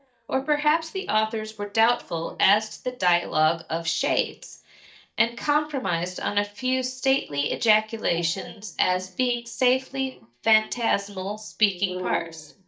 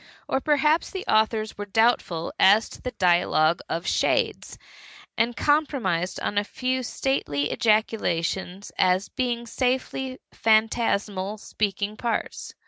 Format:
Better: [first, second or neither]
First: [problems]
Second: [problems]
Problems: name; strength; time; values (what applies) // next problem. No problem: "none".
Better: second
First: noise reduction (neural mask model DeepFilterNet 3)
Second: none